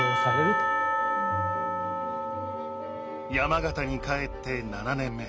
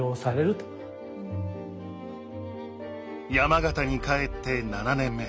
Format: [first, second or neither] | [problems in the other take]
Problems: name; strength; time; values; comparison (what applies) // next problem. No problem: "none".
second | background sound (Church bell / Percussion); 2 dB above the speech